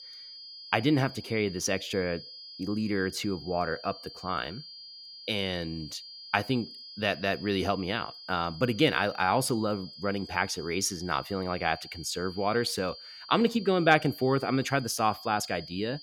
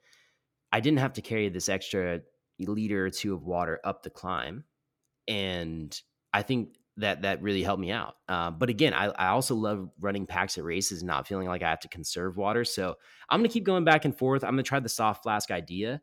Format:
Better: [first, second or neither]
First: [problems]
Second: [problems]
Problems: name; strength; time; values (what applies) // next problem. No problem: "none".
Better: second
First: high-pitched whine; noticeable; throughout; 5 kHz, 15 dB below the speech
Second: none